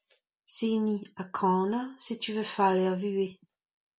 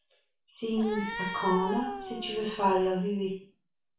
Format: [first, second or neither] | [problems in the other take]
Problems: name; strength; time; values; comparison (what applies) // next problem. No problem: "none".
first | background sound (Cat); 8 dB below the speech // room echo; dies away in 0.4 s